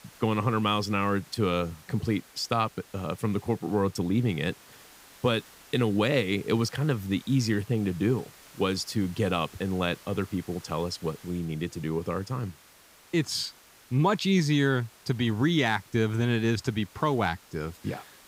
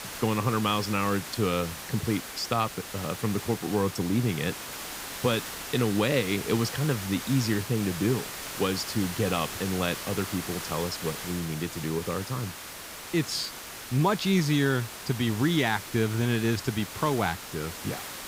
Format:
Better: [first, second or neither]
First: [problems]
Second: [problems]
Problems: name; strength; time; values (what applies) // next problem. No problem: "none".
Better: first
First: hiss; faint; throughout; 25 dB below the speech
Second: hiss; loud; throughout; 8 dB below the speech